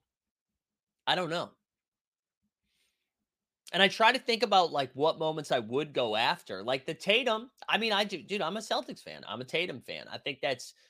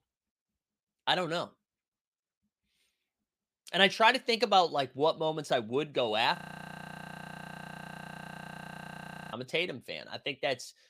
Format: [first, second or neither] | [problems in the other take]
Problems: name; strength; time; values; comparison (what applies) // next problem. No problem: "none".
first | audio freezing; at 6.5 s for 3 s